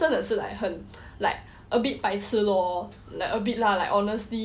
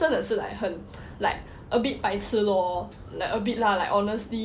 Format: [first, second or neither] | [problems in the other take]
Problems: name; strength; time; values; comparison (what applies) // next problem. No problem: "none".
first | background sound (Thunder); 18 dB below the speech